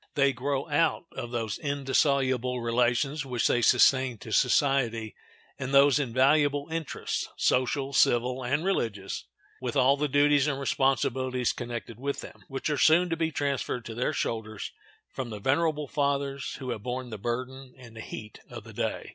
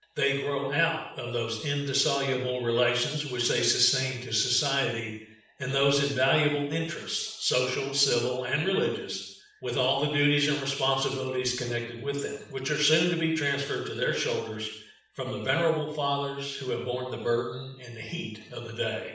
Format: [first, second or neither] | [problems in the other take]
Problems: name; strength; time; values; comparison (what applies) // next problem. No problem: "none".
first | room echo; dies away in 0.7 s